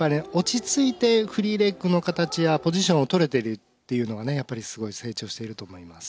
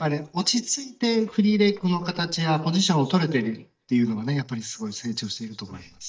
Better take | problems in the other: first | noise reduction (neural mask model DeepFilterNet 3)

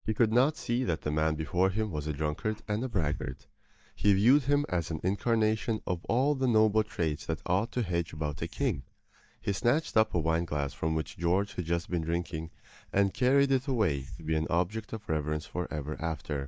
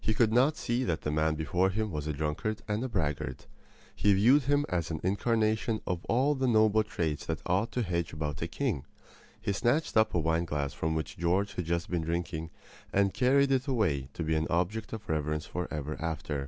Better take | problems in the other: second | noise reduction (neural mask model DeepFilterNet 3)

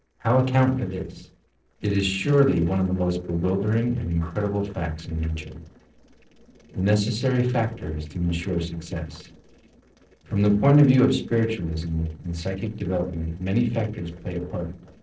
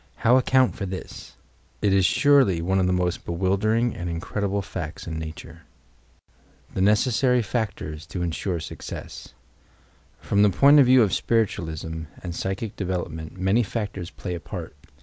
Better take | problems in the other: second | noise reduction (neural separator model SepFormer DNS4)

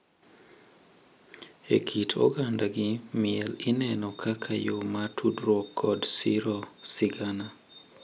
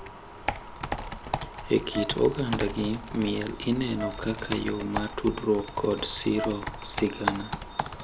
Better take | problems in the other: first | background sound (Wind instrument, woodwind instrument + Computer keyboard); 6 dB below the speech

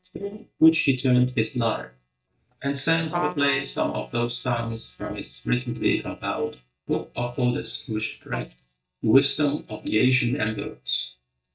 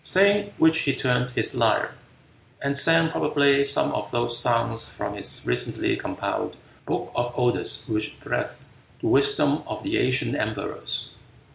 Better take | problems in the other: second | noise reduction (neural mask model DeepFilterNet 3)

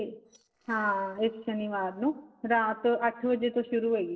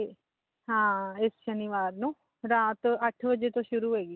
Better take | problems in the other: second | noise reduction (neural separator model SepFormer DNS4)

